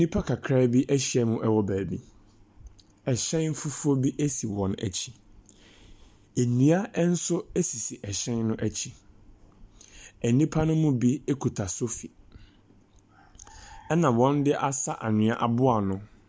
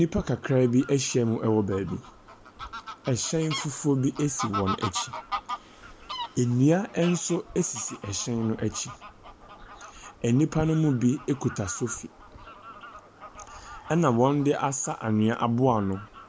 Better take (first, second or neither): first